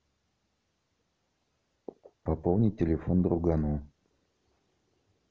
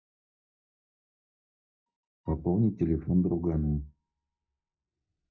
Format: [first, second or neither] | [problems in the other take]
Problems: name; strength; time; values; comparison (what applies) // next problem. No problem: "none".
first | noise reduction (neural mask model DeepFilterNet 3)